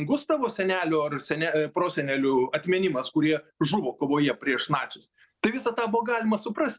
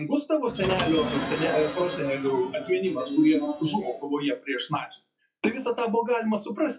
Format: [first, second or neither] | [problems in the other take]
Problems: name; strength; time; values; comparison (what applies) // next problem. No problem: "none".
first | noise reduction (classical method WPE with log-MMSE)